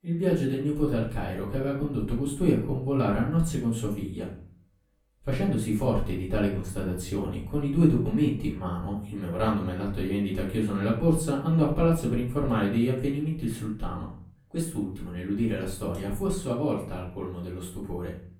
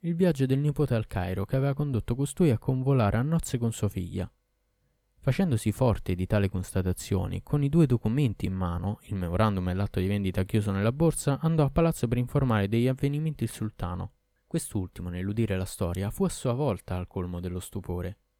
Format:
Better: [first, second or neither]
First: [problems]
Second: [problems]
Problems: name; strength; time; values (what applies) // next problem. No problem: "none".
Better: second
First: room echo; slight; dies away in 0.4 s // off-mic speech; far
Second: none